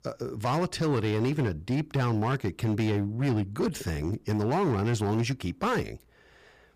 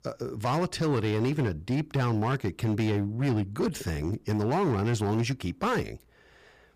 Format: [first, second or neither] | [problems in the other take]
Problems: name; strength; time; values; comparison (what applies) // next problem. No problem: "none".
neither | distortion; slight; 13% of the sound clipped; the same in both